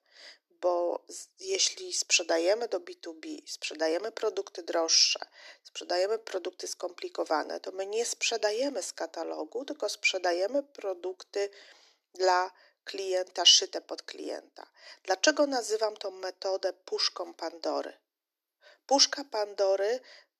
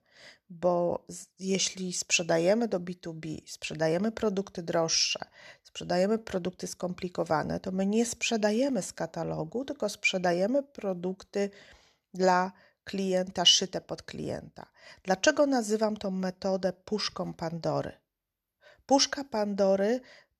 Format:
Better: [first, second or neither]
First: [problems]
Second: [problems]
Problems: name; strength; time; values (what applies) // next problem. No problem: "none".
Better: second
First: thin; somewhat; fading below 300 Hz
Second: none